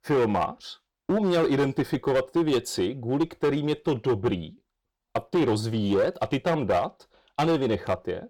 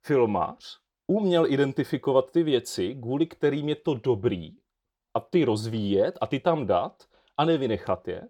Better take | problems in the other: second | distortion; slight; 9% of the sound clipped

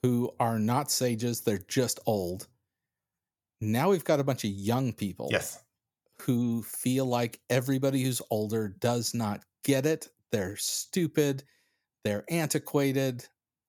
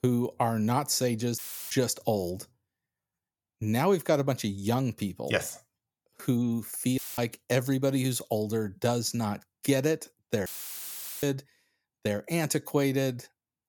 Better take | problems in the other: first | audio cutting out; filled with static; at 1.5 s, at 7 s and at 10 s for 1 s

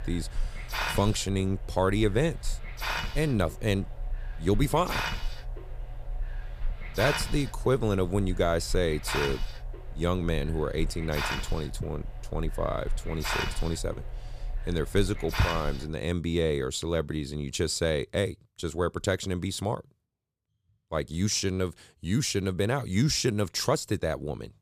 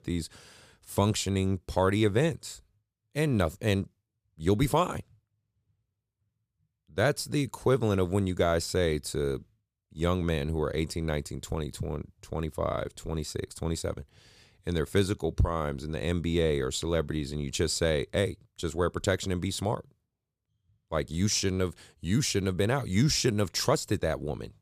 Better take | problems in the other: second | hiss; loud; until 16 s; 7 dB below the speech

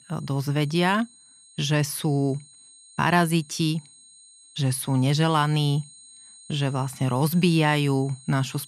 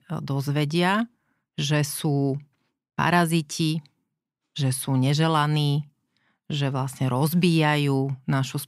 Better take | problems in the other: second | high-pitched whine; faint; throughout; 8.5 kHz, 25 dB below the speech

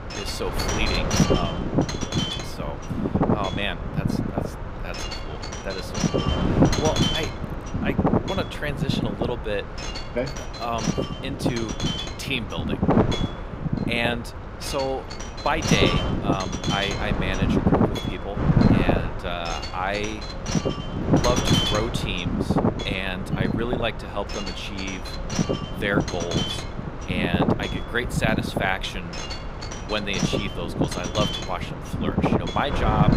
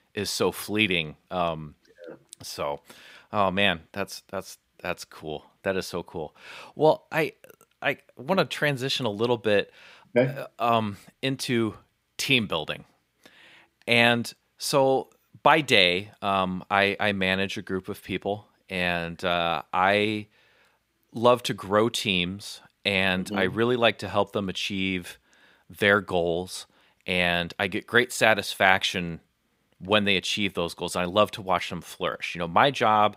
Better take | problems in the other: second | wind noise on the microphone; heavy; as loud as the speech

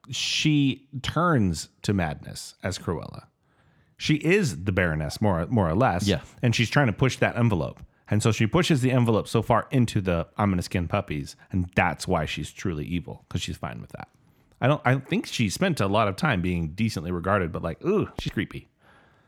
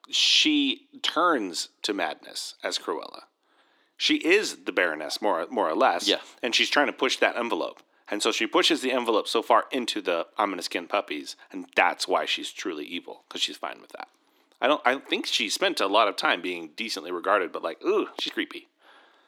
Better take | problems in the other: first | thin; somewhat; fading below 300 Hz

